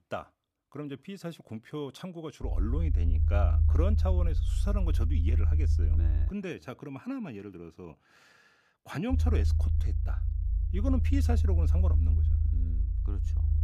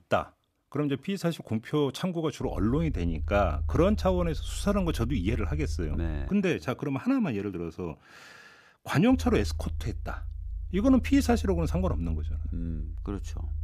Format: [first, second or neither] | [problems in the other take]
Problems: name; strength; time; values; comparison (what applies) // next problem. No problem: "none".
second | low rumble; loud; from 2.5 to 6.5 s and from 9 s on; 6 dB below the speech; faint in the second